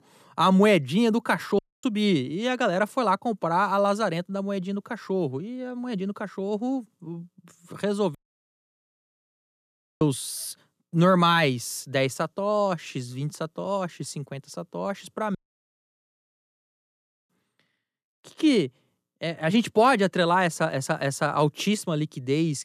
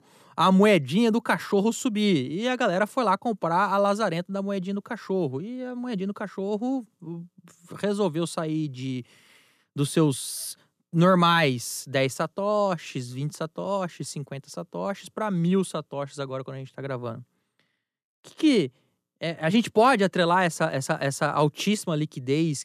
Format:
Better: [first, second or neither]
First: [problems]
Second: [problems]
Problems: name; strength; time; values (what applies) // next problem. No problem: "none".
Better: second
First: audio cutting out; at 1.5 s, at 8 s for 2 s and at 15 s for 2 s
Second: none